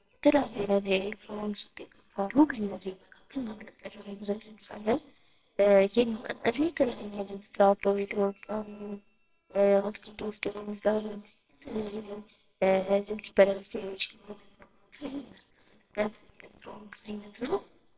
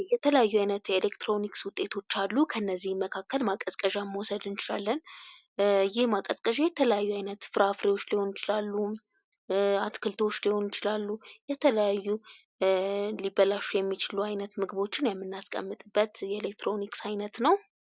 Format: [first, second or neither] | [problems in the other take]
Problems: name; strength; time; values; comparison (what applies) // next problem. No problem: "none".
second | noise reduction (neural separator model SepFormer WHAMR!)